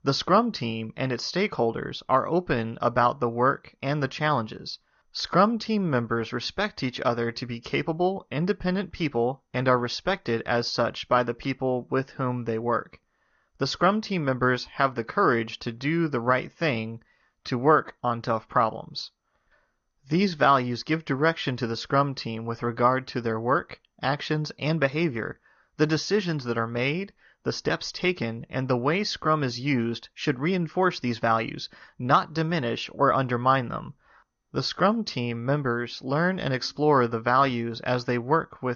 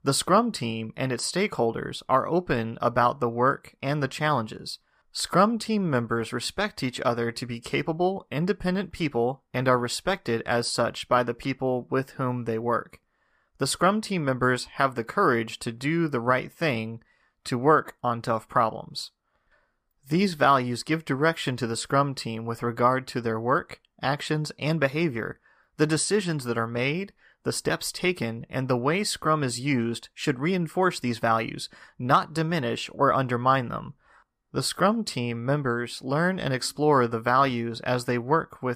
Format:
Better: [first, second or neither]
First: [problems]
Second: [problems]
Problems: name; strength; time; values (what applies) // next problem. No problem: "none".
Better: second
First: garbled, watery; slightly; nothing above 6 kHz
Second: none